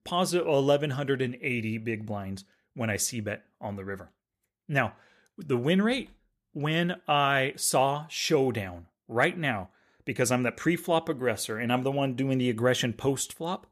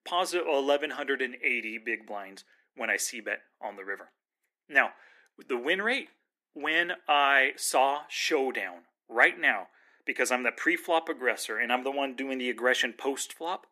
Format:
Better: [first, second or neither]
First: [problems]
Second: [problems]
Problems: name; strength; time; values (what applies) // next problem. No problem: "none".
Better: first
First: none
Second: thin; somewhat; fading below 250 Hz